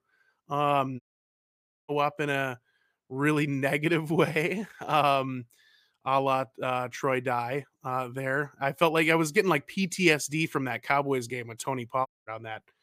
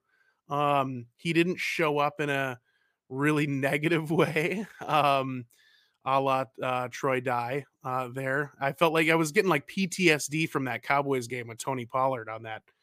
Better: second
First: audio cutting out; at 1 s for 1 s and at 12 s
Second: none

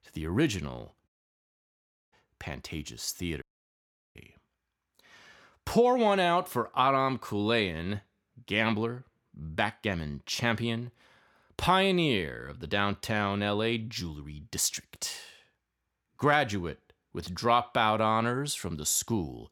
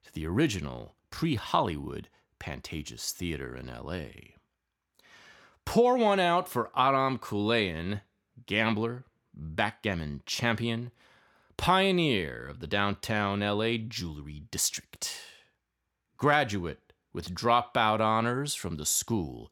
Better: second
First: audio cutting out; at 1 s for 1 s and at 3.5 s for 0.5 s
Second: none

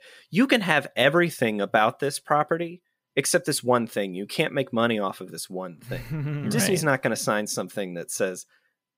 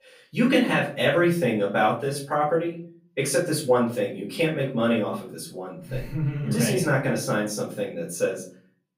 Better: first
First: none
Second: off-mic speech; far // room echo; slight; dies away in 0.5 s

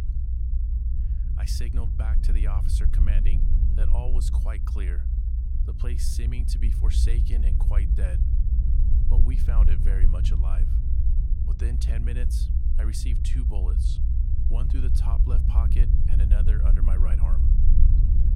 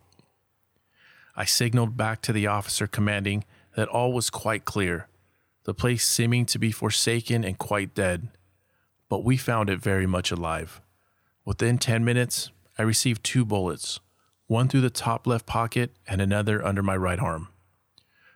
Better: second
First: low rumble; loud; throughout; 1 dB below the speech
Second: none

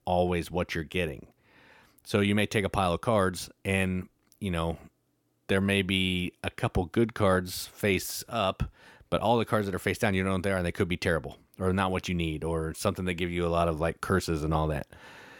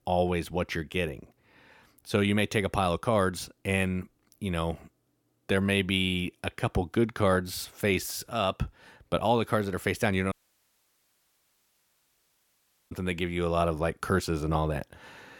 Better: first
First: none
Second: audio cutting out; at 10 s for 2.5 s

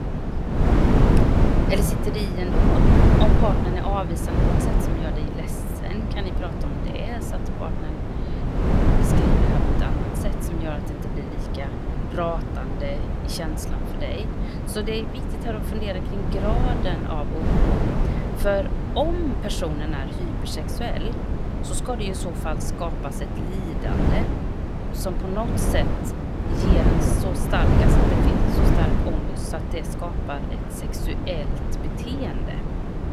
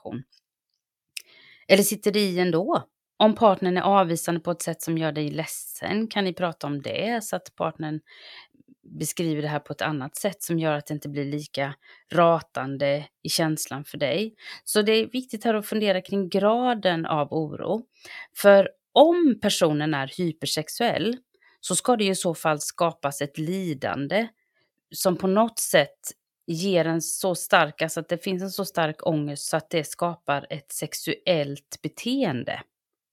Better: second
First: wind noise on the microphone; heavy; 1 dB above the speech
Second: none

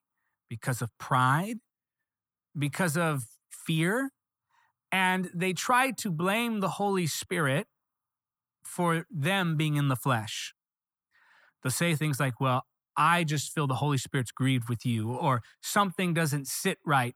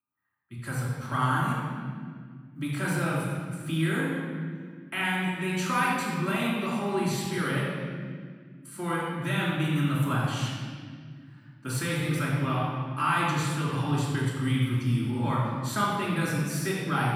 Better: first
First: none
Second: off-mic speech; far // room echo; strong; dies away in 1.9 s

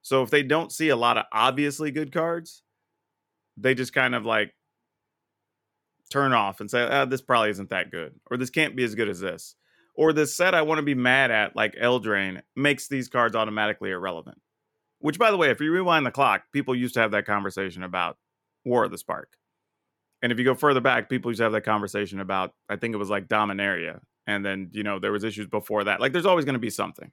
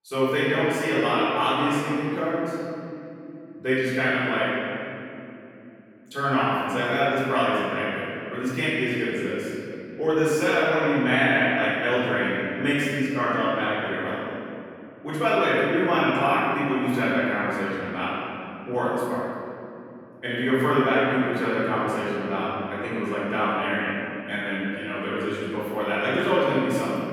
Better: first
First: none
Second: off-mic speech; far // room echo; strong; dies away in 2.9 s

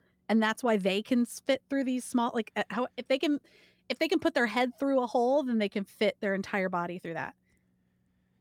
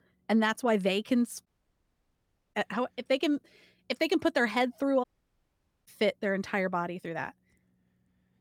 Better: first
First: none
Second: audio cutting out; at 1.5 s for 1 s and at 5 s for 1 s

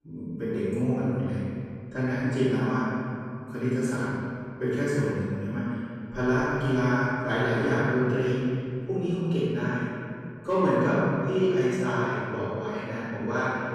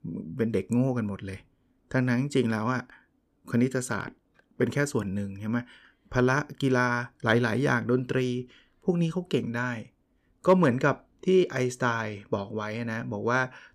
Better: second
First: off-mic speech; far // room echo; strong; dies away in 2.3 s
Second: none

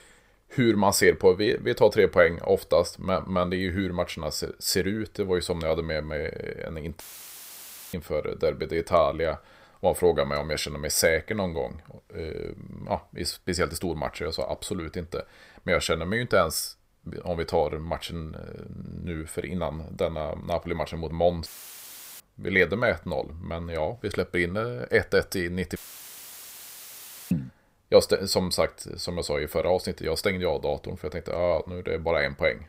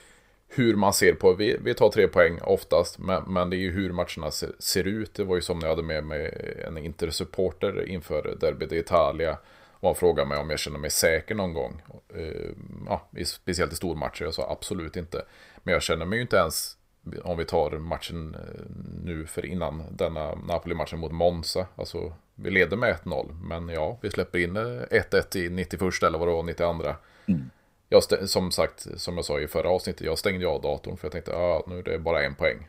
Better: second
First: audio cutting out; filled with static; at 7 s for 1 s, at 21 s for 0.5 s and at 26 s for 1.5 s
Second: none

